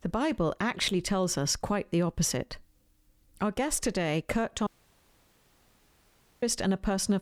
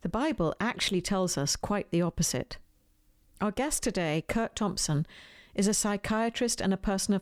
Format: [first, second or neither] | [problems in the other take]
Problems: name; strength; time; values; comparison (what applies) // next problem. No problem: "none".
second | audio cutting out; at 4.5 s for 2 s